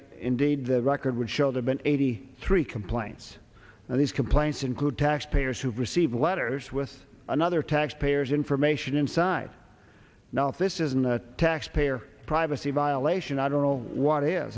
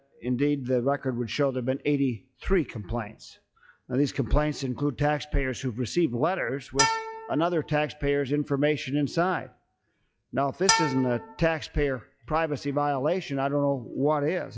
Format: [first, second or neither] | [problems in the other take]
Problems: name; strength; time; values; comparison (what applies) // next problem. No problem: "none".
first | noise reduction (classical method log-MMSE)